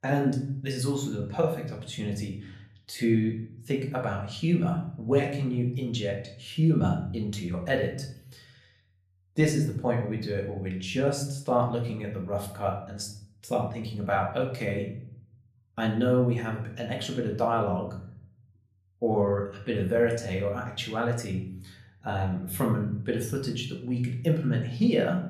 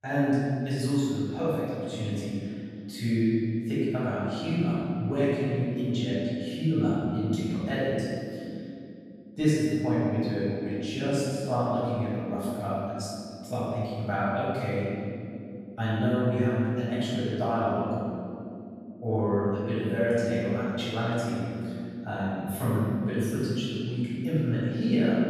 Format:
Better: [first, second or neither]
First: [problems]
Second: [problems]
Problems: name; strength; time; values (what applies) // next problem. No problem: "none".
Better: first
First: room echo; slight; dies away in 0.6 s // off-mic speech; somewhat distant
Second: room echo; strong; dies away in 3 s // off-mic speech; far